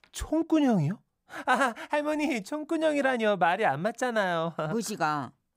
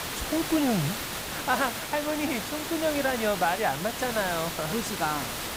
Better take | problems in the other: first | hiss; loud; throughout; 4 dB below the speech

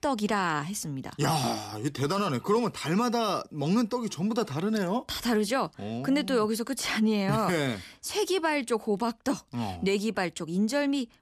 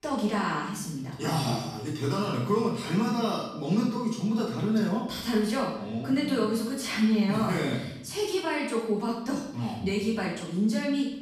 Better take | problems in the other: first | off-mic speech; far // room echo; noticeable; dies away in 0.8 s

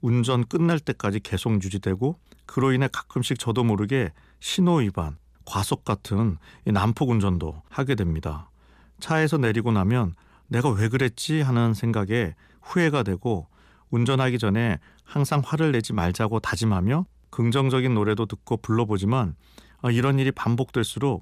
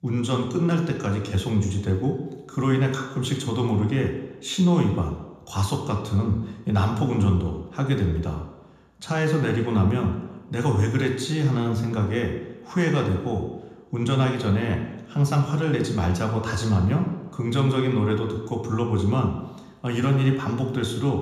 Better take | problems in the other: first | room echo; noticeable; dies away in 0.9 s // off-mic speech; somewhat distant

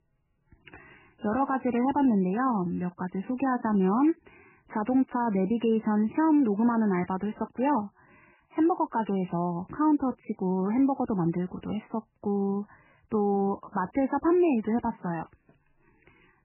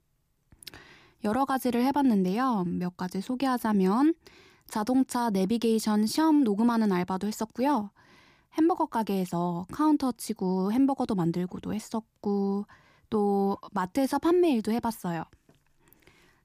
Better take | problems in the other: second | garbled, watery; badly; nothing above 3 kHz

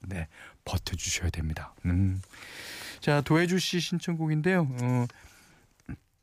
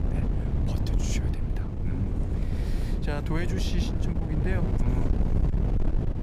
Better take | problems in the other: first | wind noise on the microphone; heavy; as loud as the speech

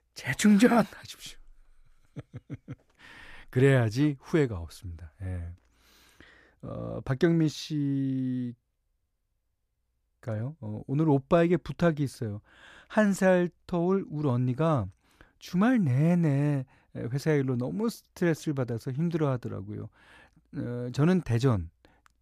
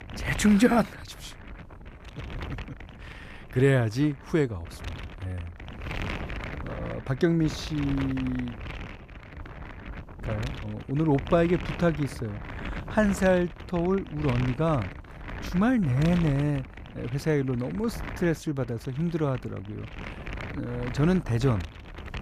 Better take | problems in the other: first | wind noise on the microphone; occasional gusts; 10 dB below the speech

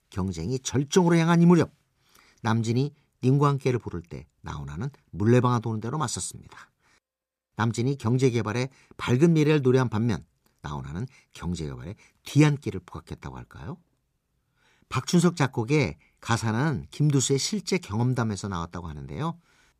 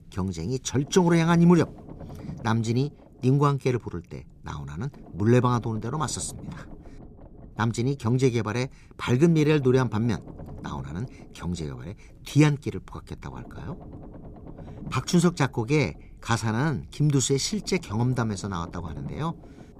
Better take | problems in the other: first | low rumble; faint; throughout; 20 dB below the speech

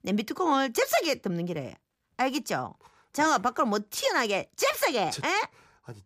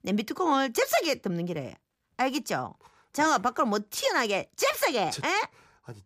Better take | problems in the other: neither | none

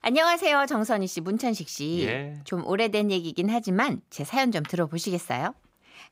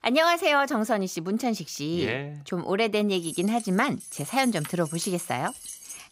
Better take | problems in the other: first | jangling keys; noticeable; from 3 s on; peak 9 dB below the speech

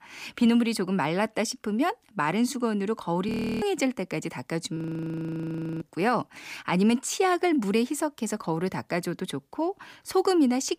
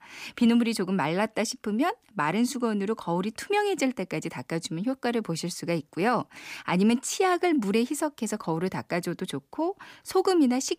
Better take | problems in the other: second | audio freezing; at 3.5 s and at 5 s for 1 s

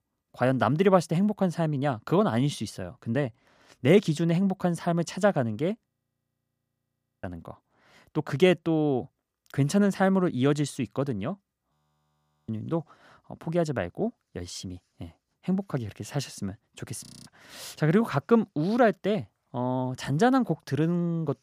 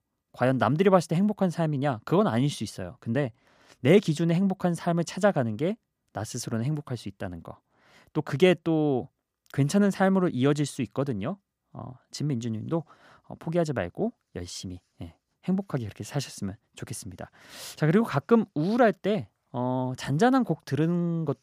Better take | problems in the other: second | audio freezing; at 6 s for 1.5 s, at 12 s for 1 s and at 17 s

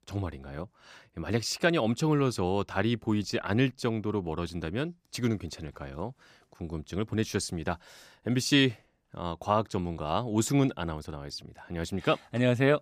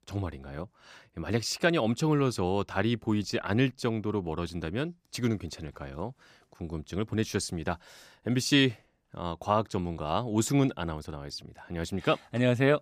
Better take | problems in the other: neither | none

